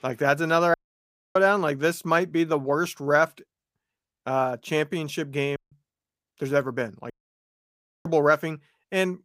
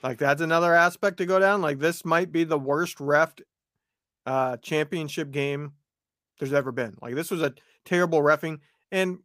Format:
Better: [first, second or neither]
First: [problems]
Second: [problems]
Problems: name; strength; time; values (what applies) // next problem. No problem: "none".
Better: second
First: audio cutting out; at 0.5 s for 0.5 s, at 5.5 s and at 7 s for 1 s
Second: none